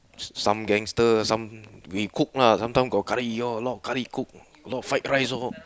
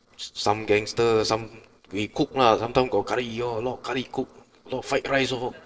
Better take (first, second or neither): first